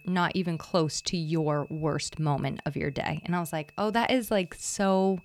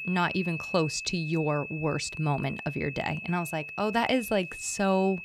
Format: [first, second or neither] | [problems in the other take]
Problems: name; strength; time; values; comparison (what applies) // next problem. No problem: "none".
first | high-pitched whine; loud; throughout; 2.5 kHz, 8 dB below the speech; faint in the first